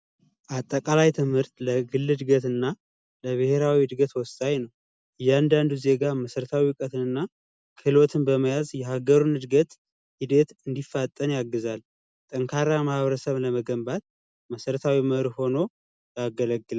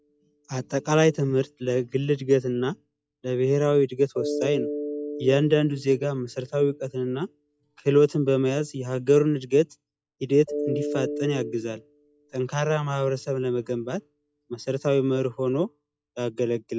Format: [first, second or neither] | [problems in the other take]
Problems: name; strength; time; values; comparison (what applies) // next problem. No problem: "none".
first | noise reduction (classical method log-MMSE)